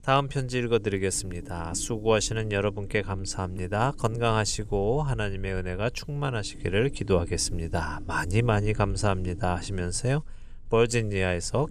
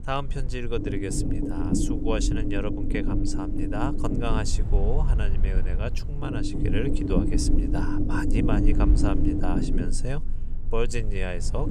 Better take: first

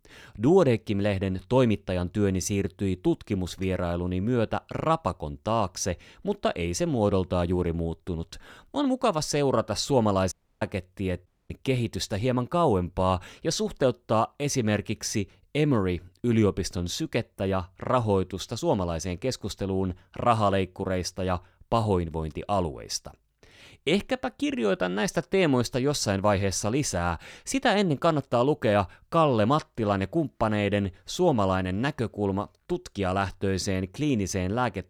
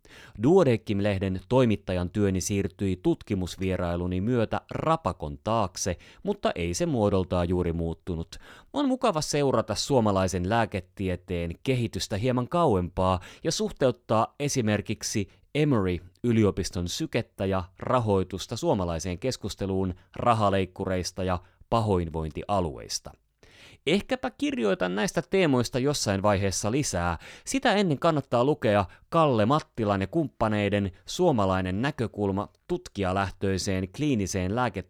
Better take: second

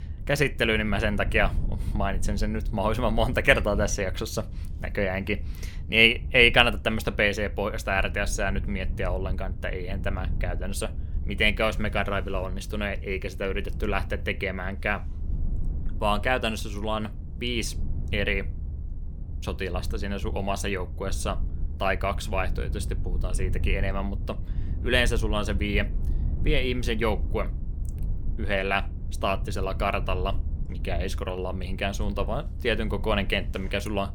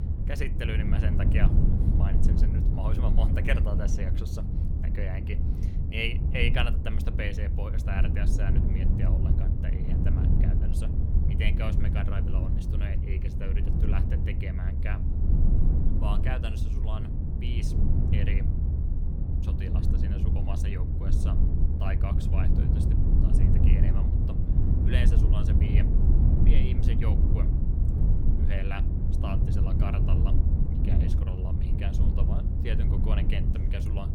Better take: first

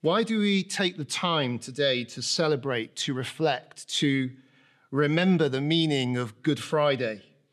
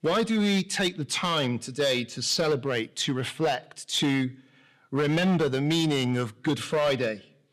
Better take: first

